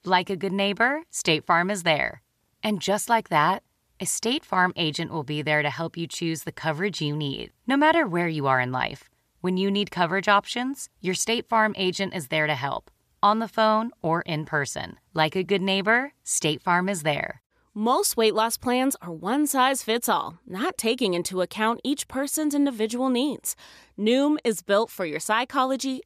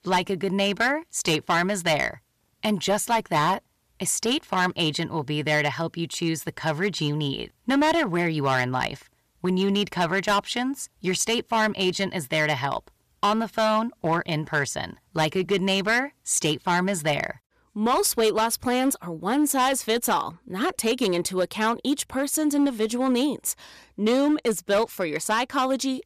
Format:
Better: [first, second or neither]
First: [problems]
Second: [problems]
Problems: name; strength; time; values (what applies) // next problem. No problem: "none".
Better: first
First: none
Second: distortion; slight; 6% of the sound clipped